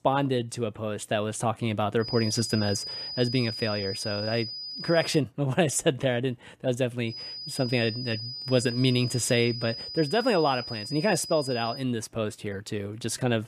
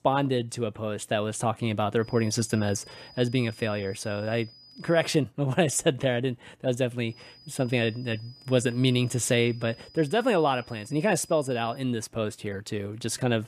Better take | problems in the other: second | high-pitched whine; loud; from 2 to 5 s and from 7 to 12 s; 5 kHz, 7 dB below the speech; faint in the second

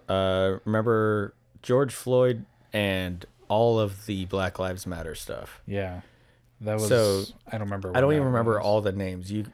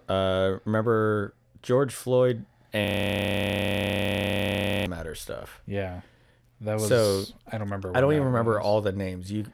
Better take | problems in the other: first | audio freezing; at 3 s for 2 s

